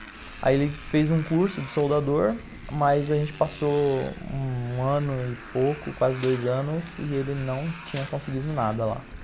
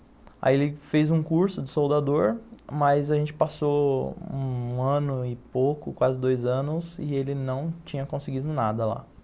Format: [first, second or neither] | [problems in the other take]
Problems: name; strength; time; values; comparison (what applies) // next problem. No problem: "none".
second | background sound (Crushing + Motorcycle); 15 dB below the speech